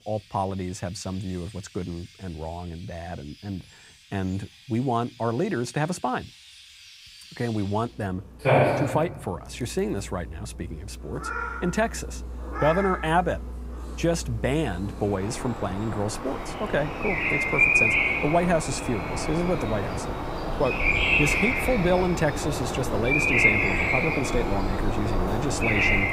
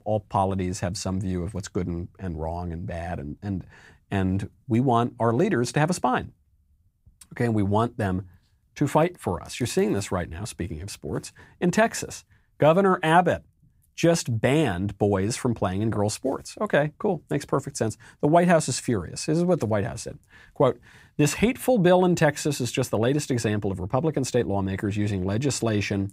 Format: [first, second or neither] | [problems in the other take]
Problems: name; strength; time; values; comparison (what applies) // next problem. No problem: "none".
second | animal sounds; very loud; throughout; 3 dB above the speech